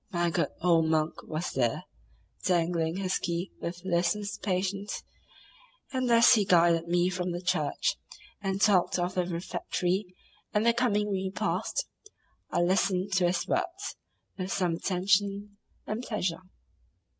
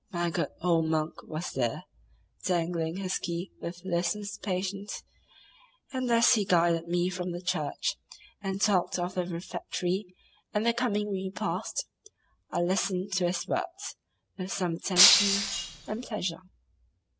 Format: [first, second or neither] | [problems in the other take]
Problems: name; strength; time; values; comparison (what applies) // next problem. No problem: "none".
first | background sound (Shatter); 5 dB above the speech